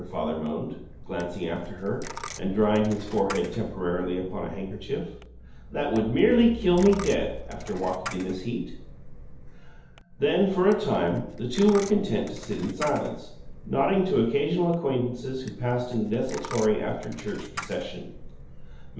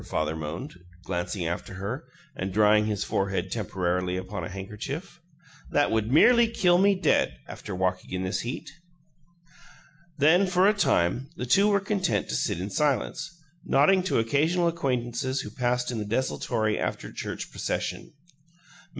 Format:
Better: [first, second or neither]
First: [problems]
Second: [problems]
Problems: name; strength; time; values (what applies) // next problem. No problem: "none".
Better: second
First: background sound (Coin (dropping)); 13 dB below the speech // room echo; dies away in 2.2 s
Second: none